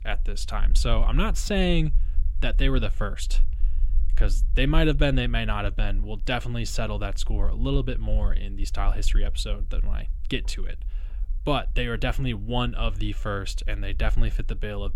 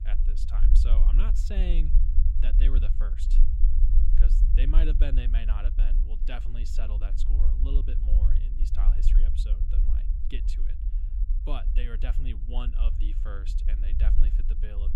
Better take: first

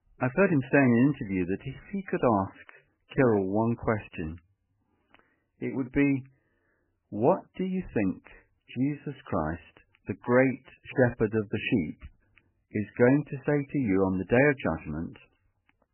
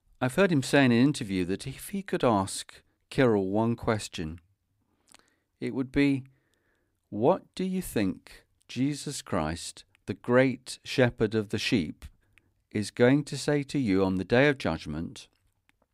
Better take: second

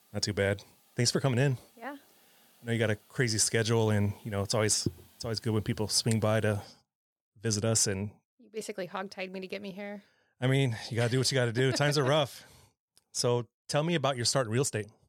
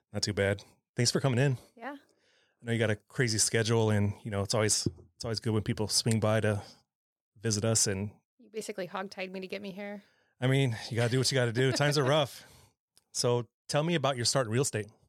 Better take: second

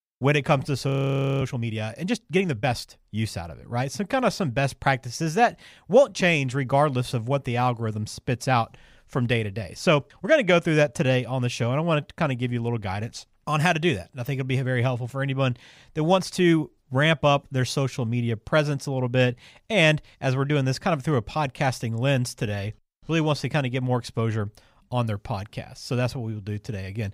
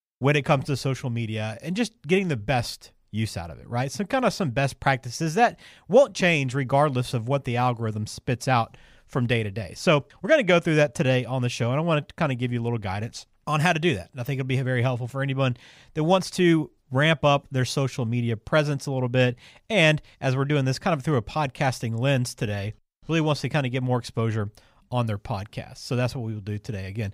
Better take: second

